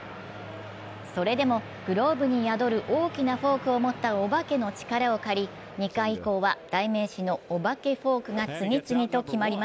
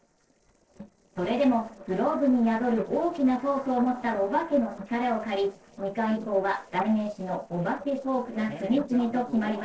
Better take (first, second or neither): first